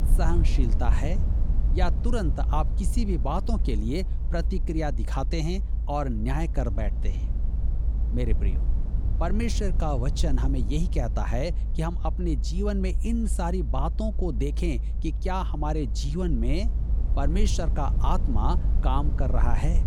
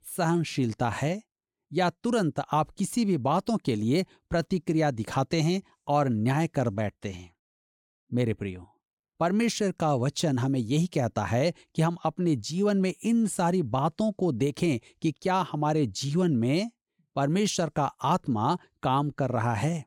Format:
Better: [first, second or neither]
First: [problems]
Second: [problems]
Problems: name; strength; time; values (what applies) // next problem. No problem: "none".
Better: second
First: low rumble; noticeable; throughout; 15 dB below the speech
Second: none